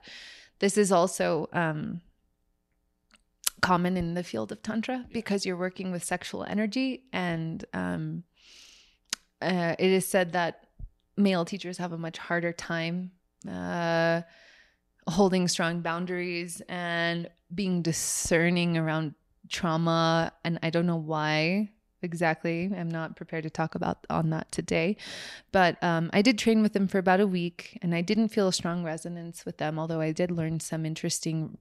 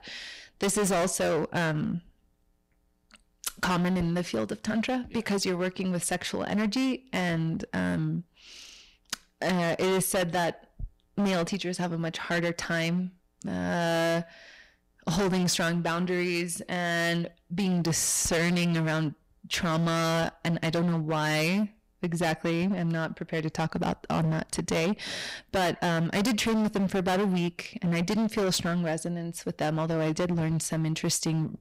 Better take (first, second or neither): first